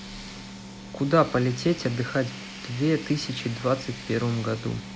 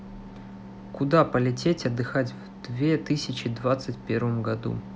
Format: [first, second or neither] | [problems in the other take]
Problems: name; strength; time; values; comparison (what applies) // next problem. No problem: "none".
second | background sound (Tools); 16 dB below the speech